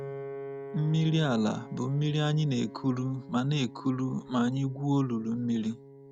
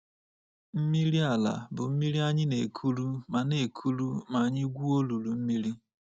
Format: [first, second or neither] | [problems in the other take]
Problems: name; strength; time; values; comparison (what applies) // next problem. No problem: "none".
second | background sound (Piano); 15 dB below the speech